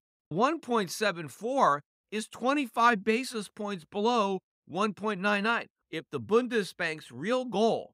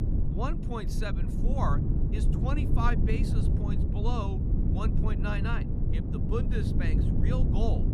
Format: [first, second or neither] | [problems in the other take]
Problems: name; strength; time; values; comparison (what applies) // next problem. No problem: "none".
first | low rumble; loud; throughout; 3 dB below the speech